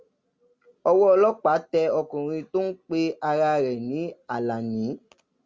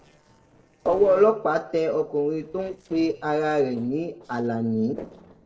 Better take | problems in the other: first | noise reduction (neural separator model SepFormer DNS4)

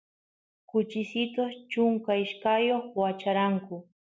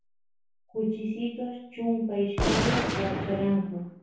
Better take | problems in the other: first | background sound (Gunshot, gunfire); 2 dB below the speech // room echo; dies away in 0.6 s

